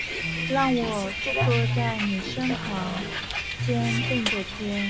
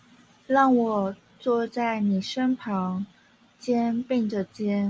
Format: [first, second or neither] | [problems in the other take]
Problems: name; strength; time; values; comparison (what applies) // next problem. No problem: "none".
second | background sound (Bus + Electric guitar); 1 dB above the speech